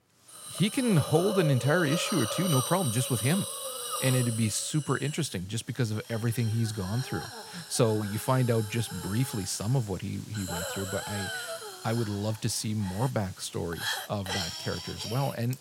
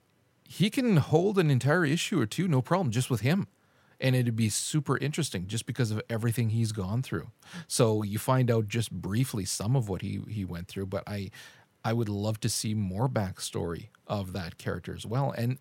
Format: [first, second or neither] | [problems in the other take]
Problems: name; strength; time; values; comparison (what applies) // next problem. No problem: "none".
second | hiss; loud; throughout; 6 dB below the speech